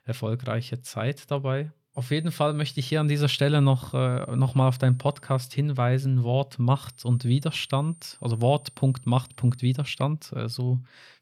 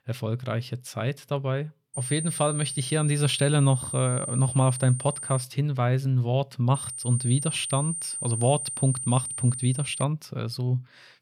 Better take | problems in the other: first | high-pitched whine; loud; from 2 to 5.5 s and from 7 to 10 s; 9 kHz, 5 dB below the speech; faint in the first

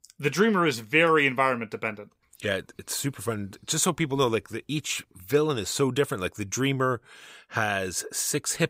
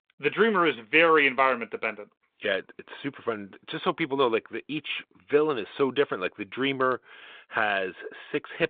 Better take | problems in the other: first | phone-call audio

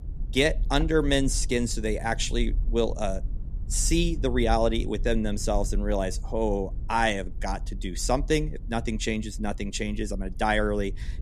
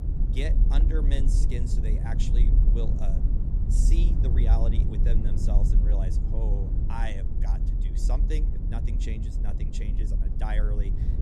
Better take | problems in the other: first | low rumble; loud; throughout; 2 dB below the speech; faint in the first

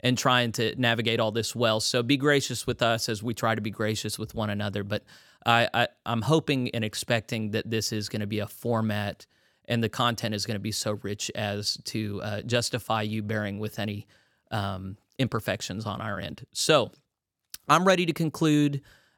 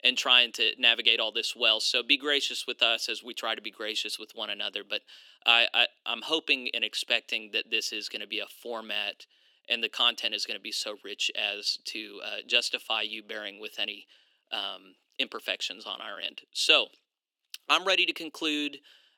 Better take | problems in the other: first | thin; somewhat; fading below 300 Hz

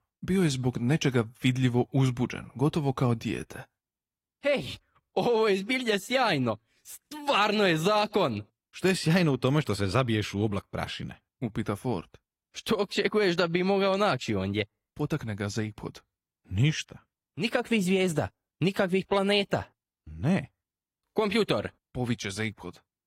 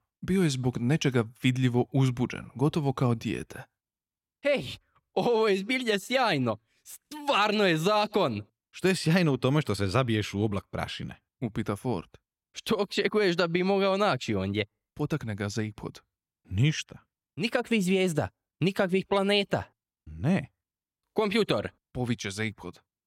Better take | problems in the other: second | garbled, watery; slightly

